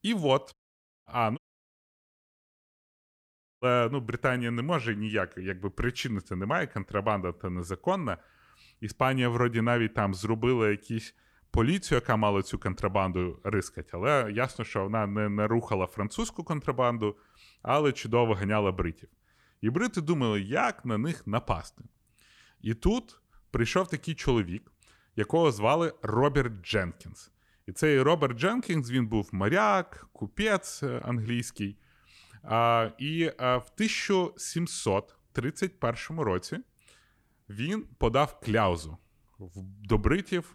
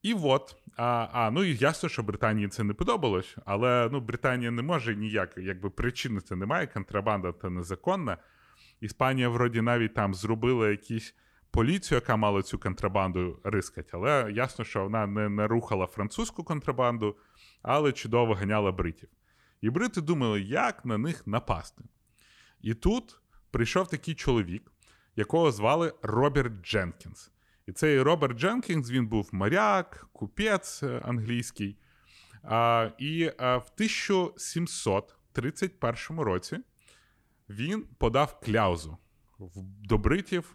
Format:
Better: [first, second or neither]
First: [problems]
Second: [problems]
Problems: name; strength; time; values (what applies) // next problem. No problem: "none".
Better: second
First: audio cutting out; at 0.5 s for 0.5 s and at 1.5 s for 2 s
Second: none